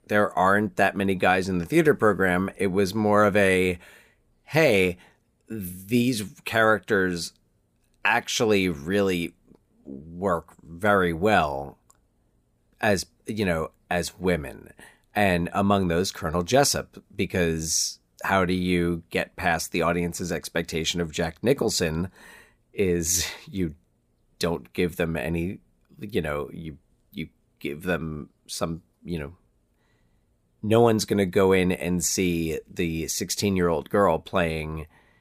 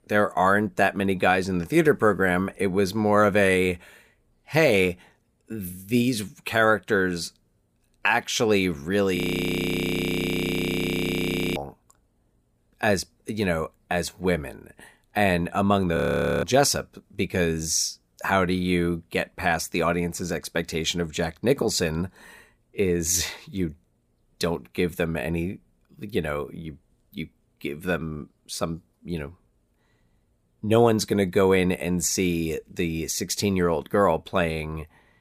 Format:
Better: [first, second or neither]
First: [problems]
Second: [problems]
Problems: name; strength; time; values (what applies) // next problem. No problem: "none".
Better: first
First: none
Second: audio freezing; at 9 s for 2.5 s and at 16 s